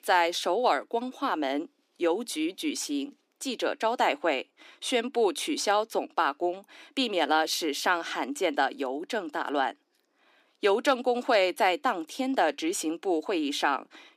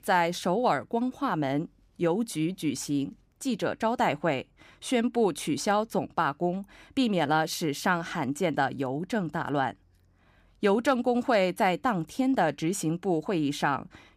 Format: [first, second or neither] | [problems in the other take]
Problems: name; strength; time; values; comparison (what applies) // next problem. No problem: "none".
second | thin; very slightly; fading below 300 Hz